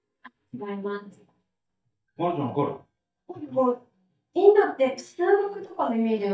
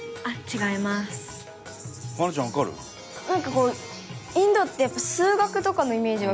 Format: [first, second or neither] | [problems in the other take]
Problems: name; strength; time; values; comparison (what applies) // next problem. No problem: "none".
second | noise reduction (neural mask model DeepFilterNet 3)